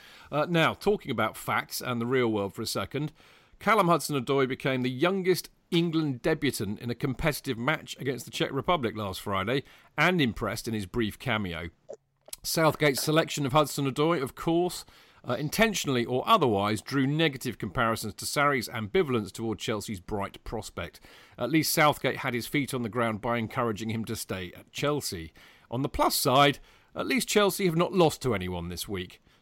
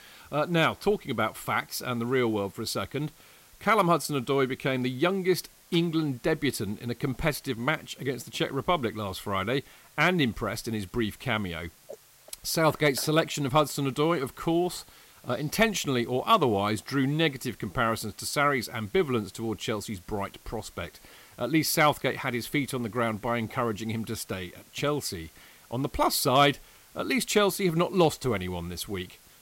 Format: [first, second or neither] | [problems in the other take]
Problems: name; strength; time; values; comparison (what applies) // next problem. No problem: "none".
first | hiss; faint; throughout; 25 dB below the speech